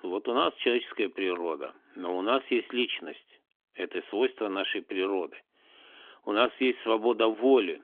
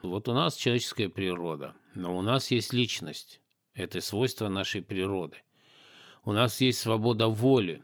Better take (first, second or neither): second